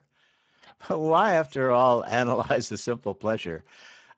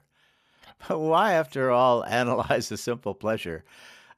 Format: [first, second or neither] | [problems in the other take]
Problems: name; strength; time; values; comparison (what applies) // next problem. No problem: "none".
second | garbled, watery; badly; nothing above 7.5 kHz